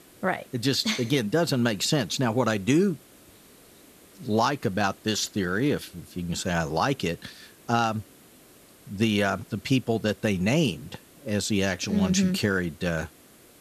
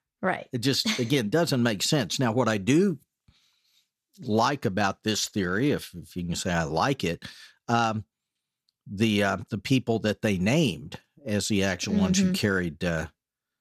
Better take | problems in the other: second | hiss; faint; throughout; 25 dB below the speech

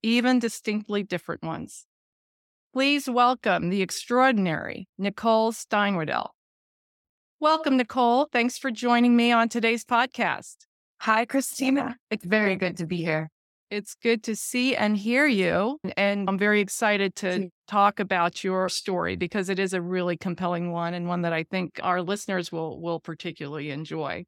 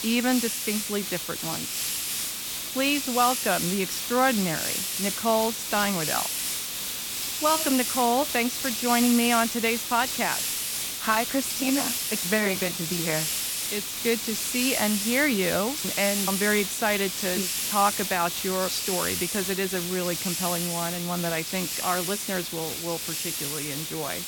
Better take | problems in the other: first | hiss; loud; throughout; 1 dB below the speech

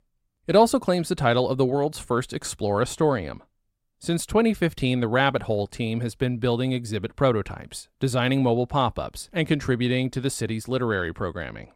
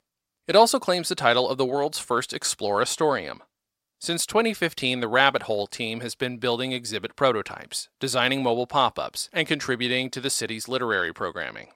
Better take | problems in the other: first | thin; somewhat; fading below 800 Hz

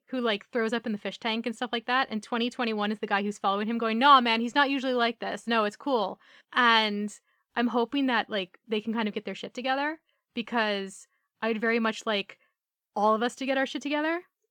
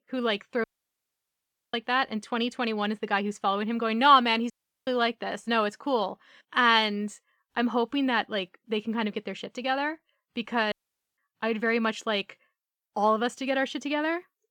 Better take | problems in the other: first | audio cutting out; at 0.5 s for 1 s, at 4.5 s and at 11 s

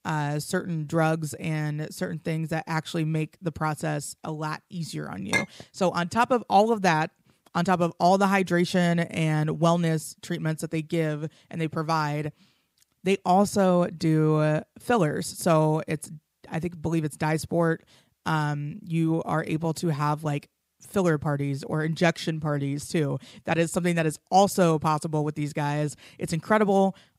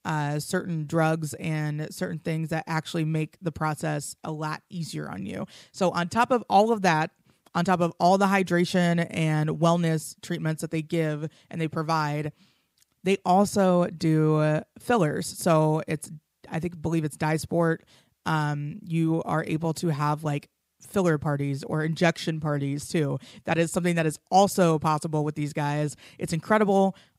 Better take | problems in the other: second | clattering dishes; noticeable; at 5.5 s; peak 1 dB below the speech

